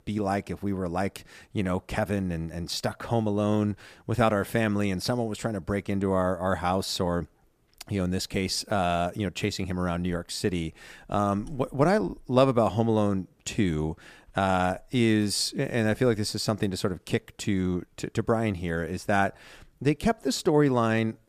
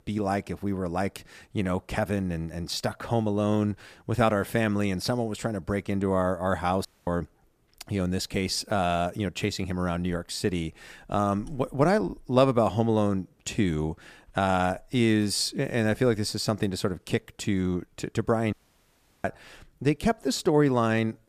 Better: first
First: none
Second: audio cutting out; at 7 s and at 19 s for 0.5 s

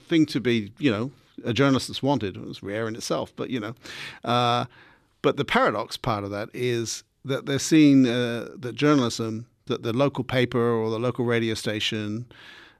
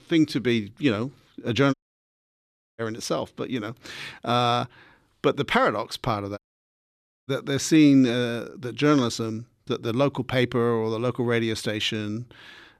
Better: first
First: none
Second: audio cutting out; at 1.5 s for 1 s and at 6.5 s for 1 s

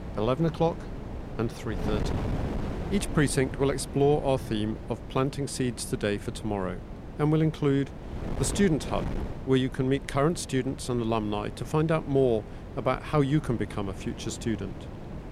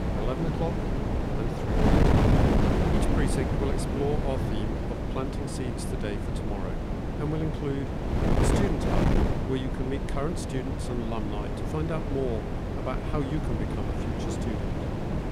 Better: first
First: wind noise on the microphone; occasional gusts; 10 dB below the speech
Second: wind noise on the microphone; heavy; 3 dB above the speech

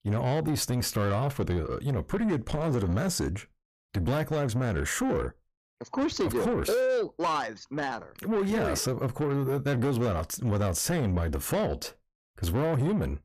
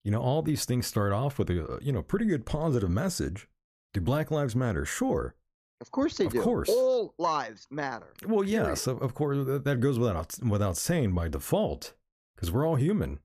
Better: second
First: distortion; slight; 10 dB below the speech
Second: none

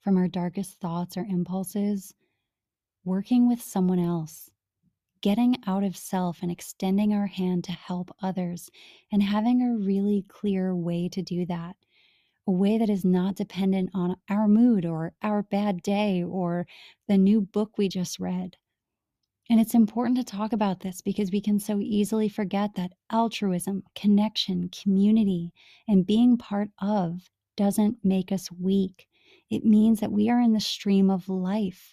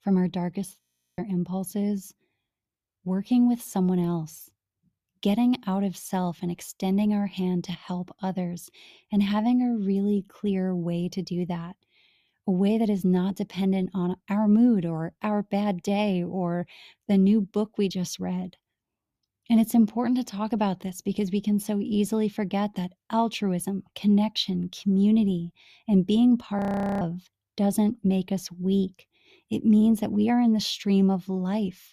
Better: first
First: none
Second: audio freezing; at 1 s and at 27 s

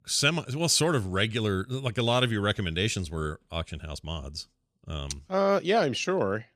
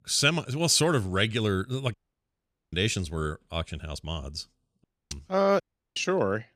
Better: first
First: none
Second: audio cutting out; at 2 s for 1 s, at 5 s and at 5.5 s

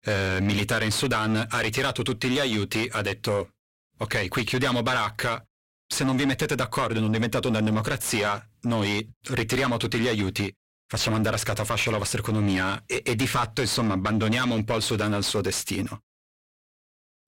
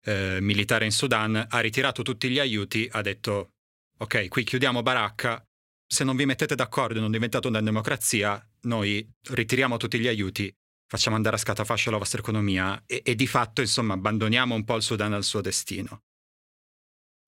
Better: second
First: distortion; heavy; 5 dB below the speech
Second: none

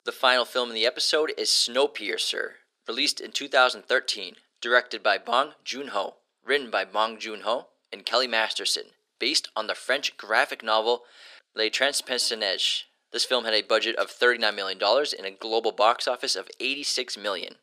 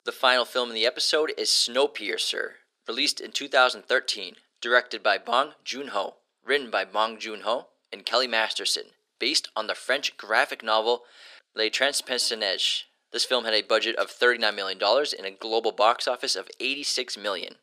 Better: neither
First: thin; very; fading below 400 Hz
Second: thin; very; fading below 400 Hz

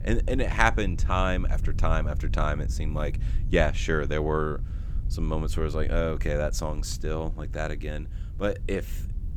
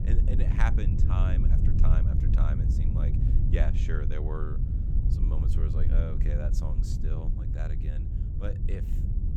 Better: first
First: low rumble; faint; throughout; 20 dB below the speech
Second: low rumble; loud; throughout; 2 dB below the speech

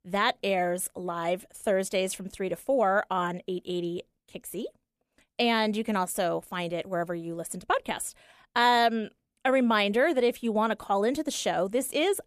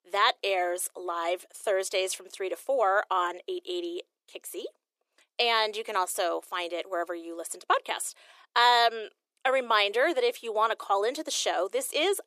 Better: first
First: none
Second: thin; very; fading below 350 Hz

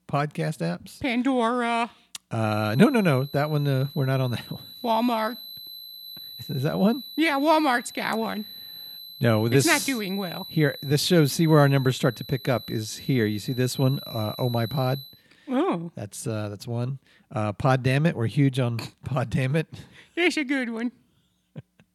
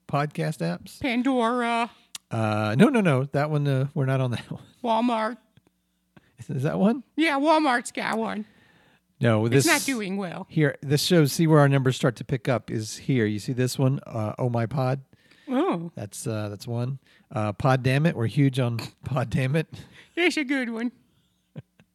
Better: second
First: high-pitched whine; noticeable; from 2.5 to 15 s; 4 kHz, 15 dB below the speech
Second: none

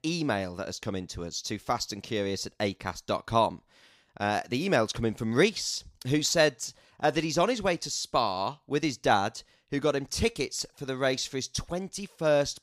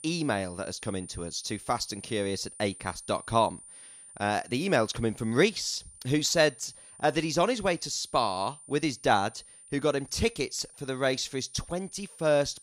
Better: first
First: none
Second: high-pitched whine; noticeable; throughout; 9 kHz, 20 dB below the speech

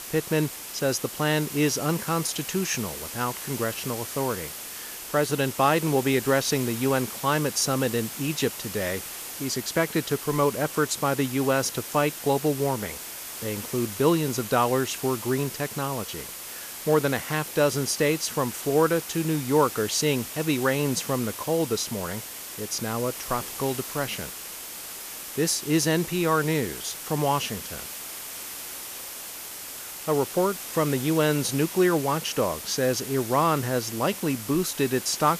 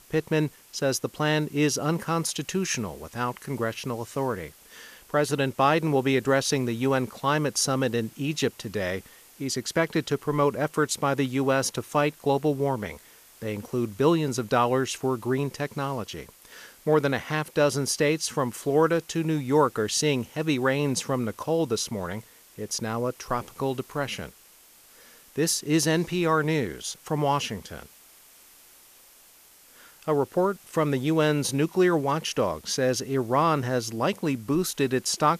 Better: second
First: hiss; loud; throughout; 9 dB below the speech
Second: hiss; faint; throughout; 25 dB below the speech

